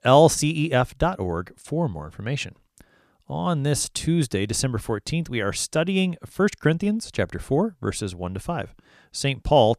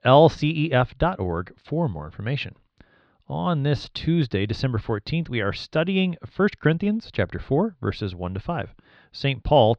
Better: first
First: none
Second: muffled; slightly; fading above 4 kHz

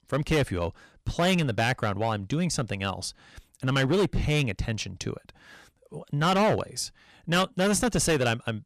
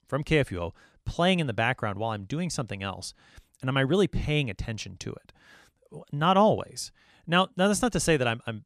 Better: second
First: distortion; heavy; 9% of the sound clipped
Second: none

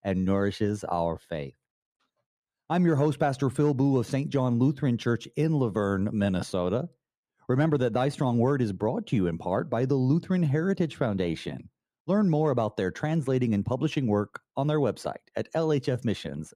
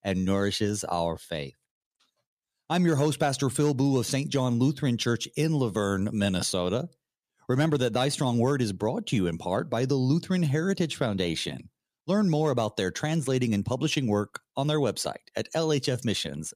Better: second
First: muffled; slightly; fading above 2.5 kHz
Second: none

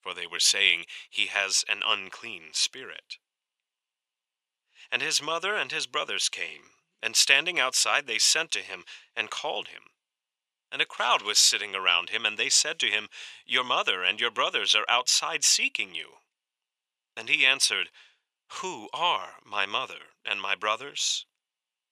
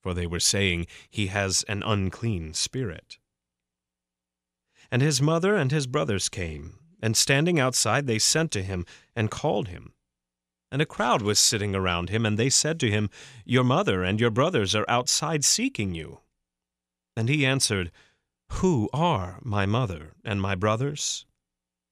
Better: second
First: thin; very; fading below 700 Hz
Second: none

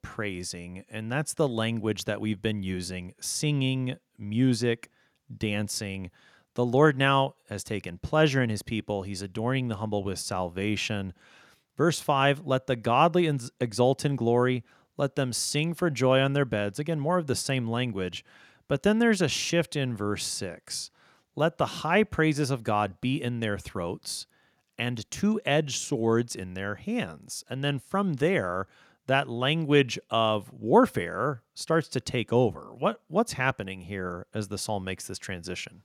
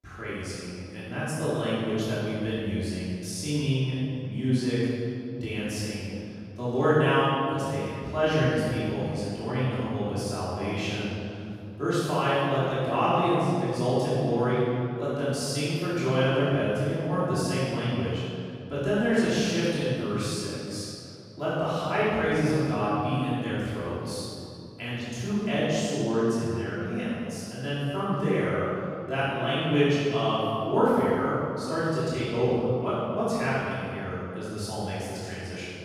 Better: first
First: none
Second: room echo; strong; dies away in 2.3 s // off-mic speech; far

